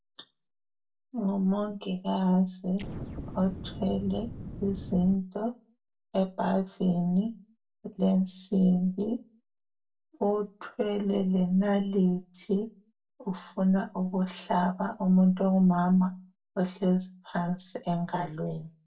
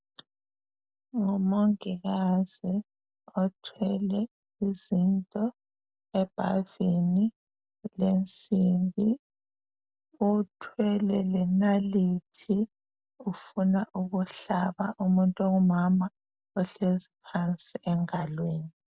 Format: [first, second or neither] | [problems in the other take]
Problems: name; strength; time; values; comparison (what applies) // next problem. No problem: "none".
second | background sound (Explosion); 10 dB below the speech // room echo; dies away in 0.2 s